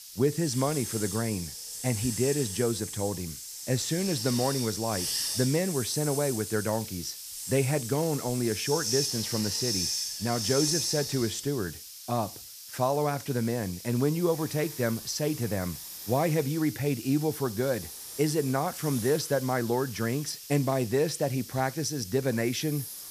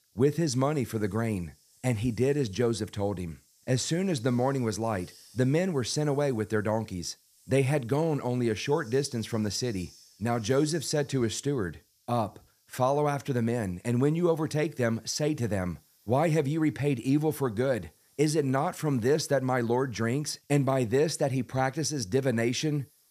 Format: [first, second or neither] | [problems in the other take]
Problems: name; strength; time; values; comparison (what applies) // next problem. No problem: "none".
second | hiss; loud; throughout; 5 dB below the speech; faint in the second